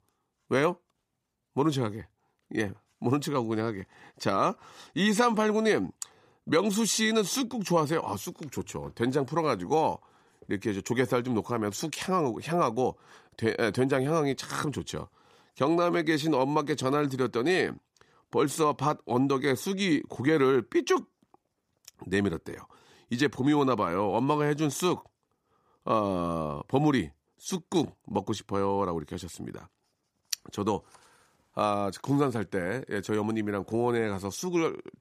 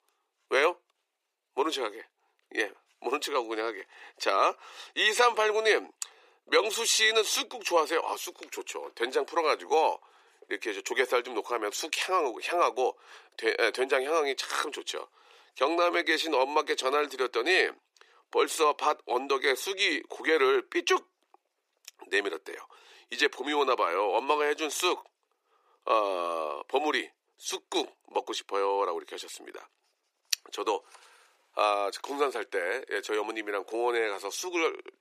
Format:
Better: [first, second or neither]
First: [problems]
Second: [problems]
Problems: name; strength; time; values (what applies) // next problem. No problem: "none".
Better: first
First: none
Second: thin; very; fading below 400 Hz